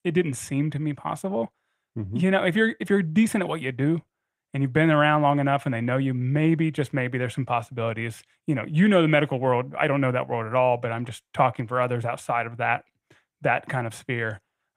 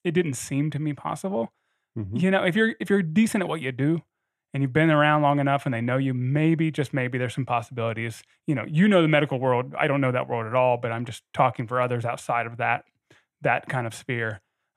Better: second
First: garbled, watery; slightly; nothing above 15.5 kHz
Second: none

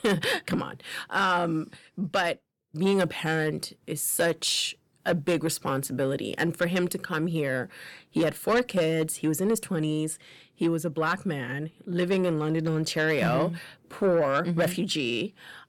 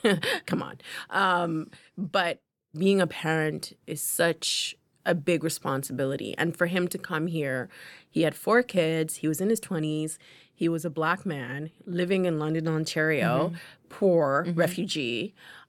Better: second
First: distortion; slight; 10 dB below the speech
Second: none

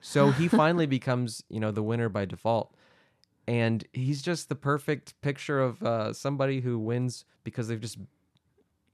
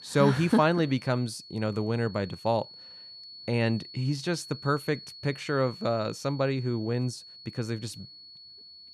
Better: first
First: none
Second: high-pitched whine; noticeable; throughout; 4.5 kHz, 15 dB below the speech

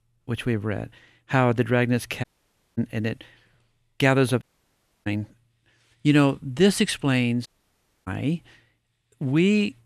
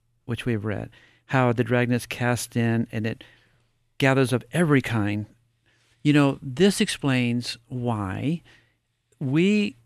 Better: second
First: audio cutting out; at 2 s for 0.5 s, at 4.5 s for 0.5 s and at 7.5 s for 0.5 s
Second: none

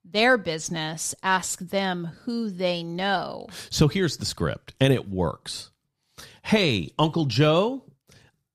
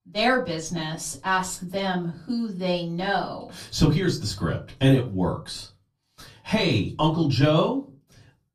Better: first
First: none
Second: off-mic speech; far // room echo; very slight; dies away in 0.2 s

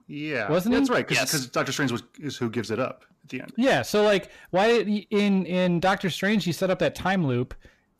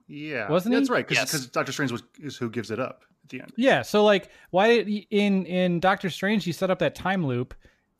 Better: second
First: distortion; slight; 10 dB below the speech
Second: none

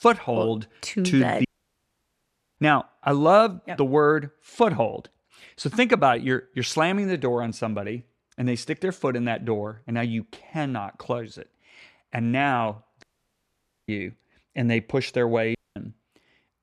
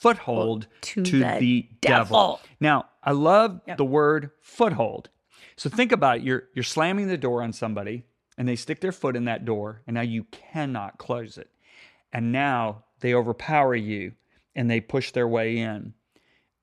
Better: second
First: audio cutting out; at 1.5 s for 1 s, at 13 s for 1 s and at 16 s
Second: none

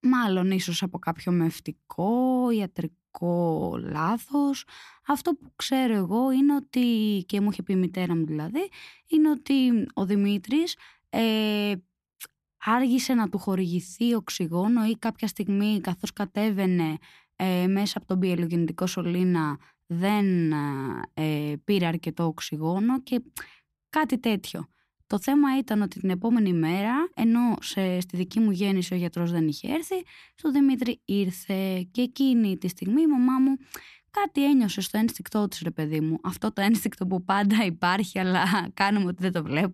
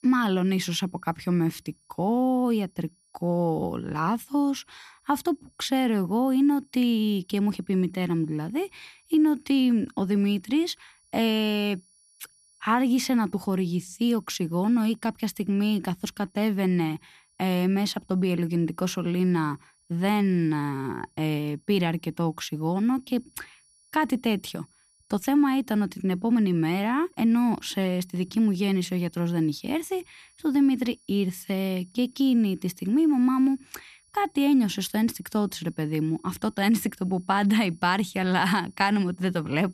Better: first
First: none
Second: high-pitched whine; faint; throughout; 10 kHz, 35 dB below the speech

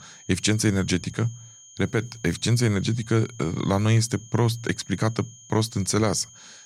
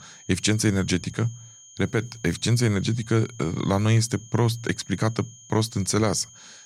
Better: neither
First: high-pitched whine; faint; throughout; 6.5 kHz, 20 dB below the speech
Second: high-pitched whine; faint; throughout; 6.5 kHz, 20 dB below the speech

